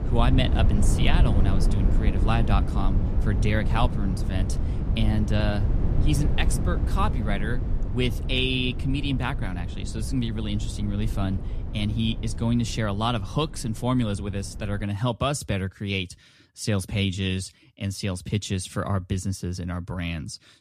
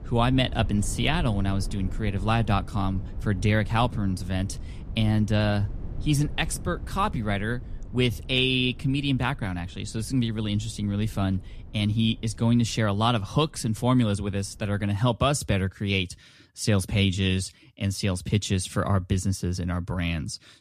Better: second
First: low rumble; loud; until 15 s; 8 dB below the speech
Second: low rumble; faint; until 15 s; 20 dB below the speech

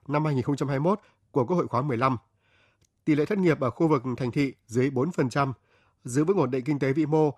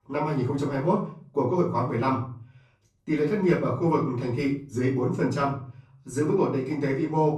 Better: first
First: none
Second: room echo; slight; dies away in 0.4 s // off-mic speech; far

